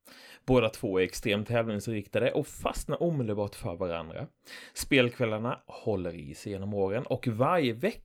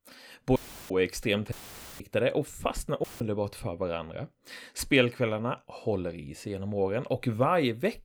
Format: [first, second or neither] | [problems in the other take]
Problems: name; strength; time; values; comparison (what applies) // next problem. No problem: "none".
first | audio cutting out; filled with static; at 0.5 s, at 1.5 s and at 3 s